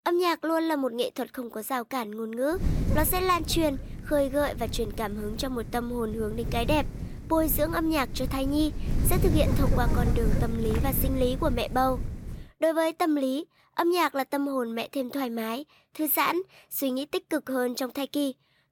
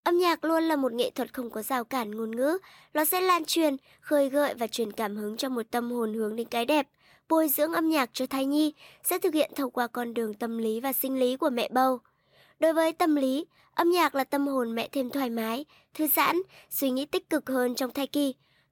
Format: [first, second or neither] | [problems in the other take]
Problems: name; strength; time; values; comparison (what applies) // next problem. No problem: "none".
second | wind noise on the microphone; occasional gusts; from 2.5 to 12 s; 10 dB below the speech